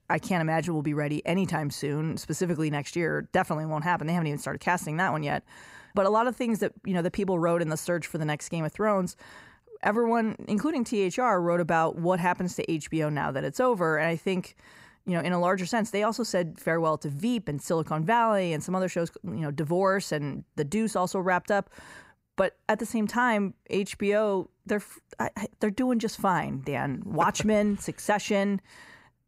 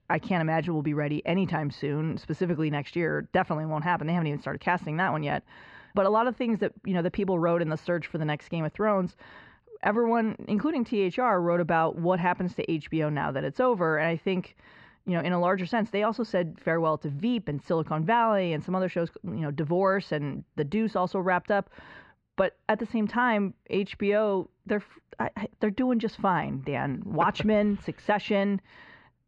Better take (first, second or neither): first